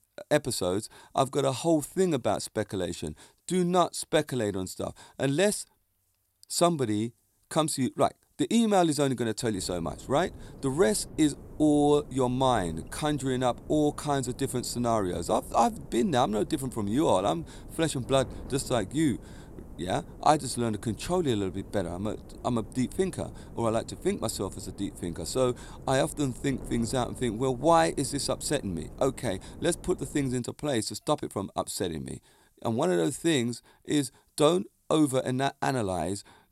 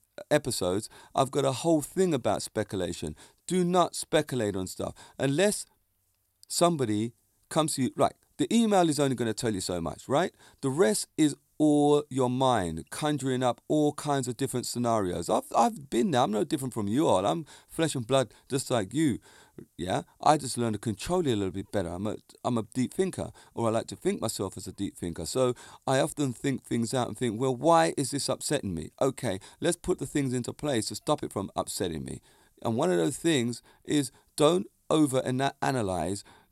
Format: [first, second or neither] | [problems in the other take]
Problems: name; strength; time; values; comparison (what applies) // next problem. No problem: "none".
second | wind noise on the microphone; occasional gusts; from 9.5 to 30 s; 25 dB below the speech